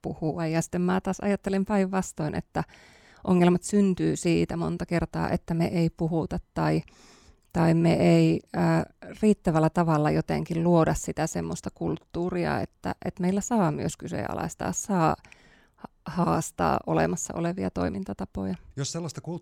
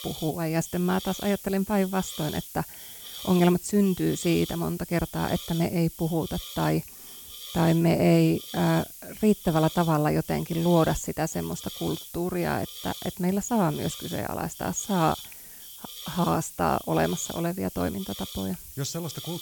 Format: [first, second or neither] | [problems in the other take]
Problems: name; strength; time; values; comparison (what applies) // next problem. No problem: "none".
first | hiss; noticeable; throughout; 10 dB below the speech